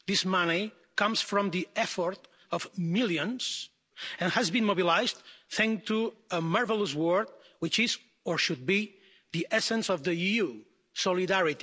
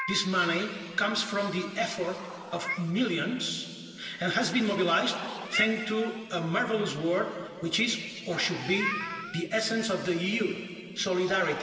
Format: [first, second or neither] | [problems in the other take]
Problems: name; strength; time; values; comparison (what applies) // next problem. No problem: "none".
first | background sound (Meow); 12 dB below the speech // room echo; dies away in 2.6 s